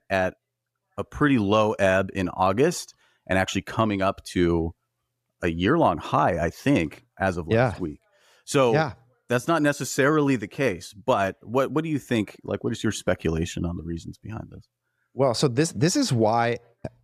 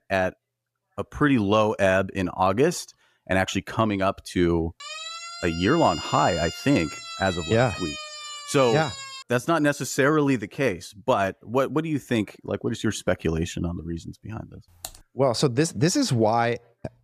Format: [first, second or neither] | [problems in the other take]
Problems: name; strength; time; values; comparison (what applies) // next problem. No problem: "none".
first | siren; noticeable; from 5 to 9 s; peak 8 dB below the speech // keyboard typing; faint; at 15 s; peak 15 dB below the speech